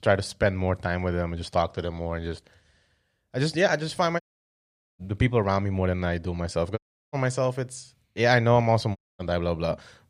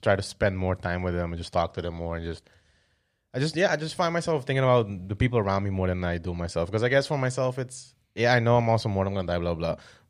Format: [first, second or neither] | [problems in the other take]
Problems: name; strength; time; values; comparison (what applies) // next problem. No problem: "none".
second | audio cutting out; at 4 s for 1 s, at 7 s and at 9 s